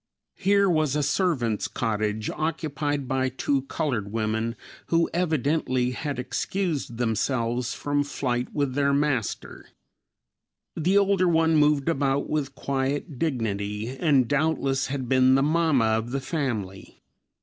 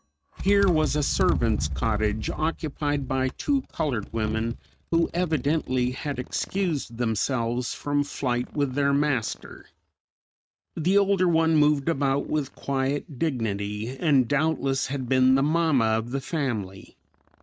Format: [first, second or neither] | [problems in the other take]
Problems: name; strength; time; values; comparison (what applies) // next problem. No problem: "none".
first | noise reduction (neural mask model RNNoise)